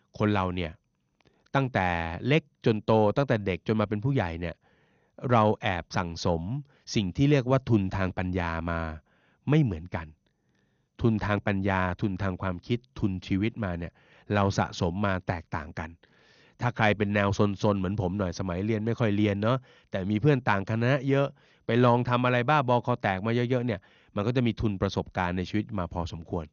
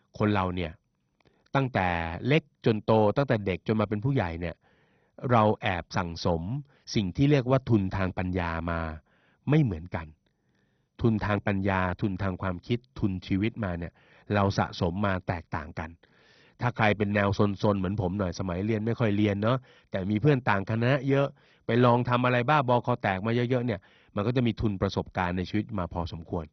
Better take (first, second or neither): first